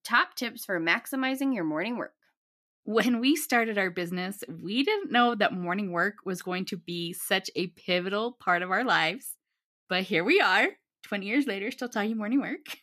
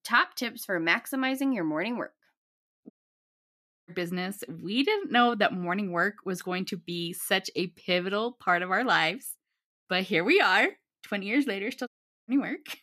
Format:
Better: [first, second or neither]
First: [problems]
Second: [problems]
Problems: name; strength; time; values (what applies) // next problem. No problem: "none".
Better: first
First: none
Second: audio cutting out; at 3 s for 1 s and at 12 s